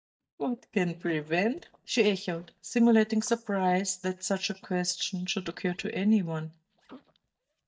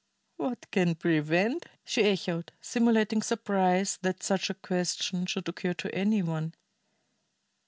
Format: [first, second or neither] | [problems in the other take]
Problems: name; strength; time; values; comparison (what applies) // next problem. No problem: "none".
second | noise reduction (neural mask model DeepFilterNet 3)